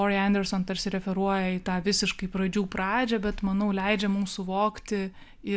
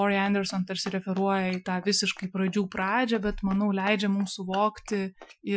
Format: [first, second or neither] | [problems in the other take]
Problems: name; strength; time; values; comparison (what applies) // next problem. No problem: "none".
first | noise reduction (classical method Wiener filter)